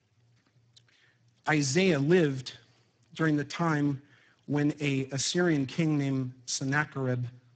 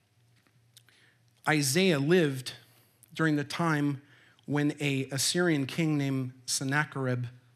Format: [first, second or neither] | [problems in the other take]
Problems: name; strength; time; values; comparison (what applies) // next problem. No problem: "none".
second | garbled, watery; badly; nothing above 8 kHz